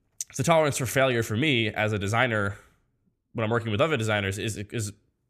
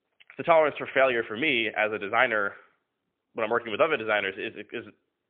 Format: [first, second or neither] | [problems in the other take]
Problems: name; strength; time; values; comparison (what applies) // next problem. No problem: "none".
first | phone-call audio; poor line; nothing above 3.5 kHz